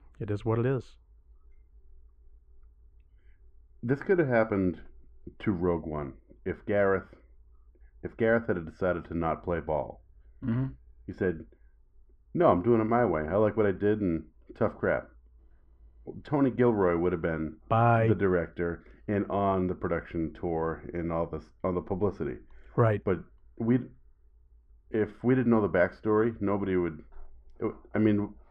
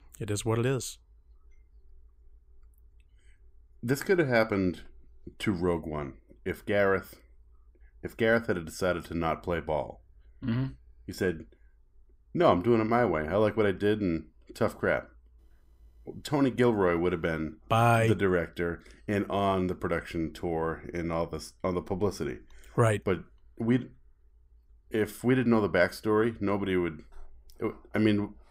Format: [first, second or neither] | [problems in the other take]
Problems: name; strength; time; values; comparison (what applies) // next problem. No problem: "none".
second | muffled; very; fading above 1.5 kHz